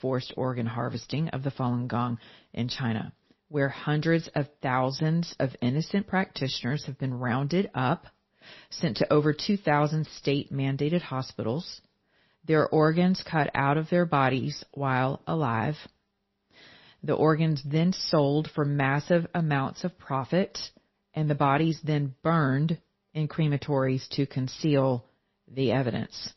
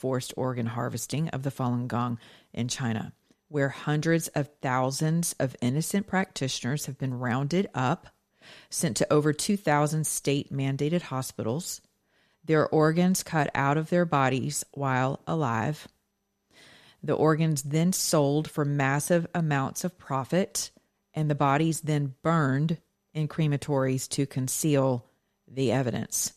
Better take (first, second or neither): second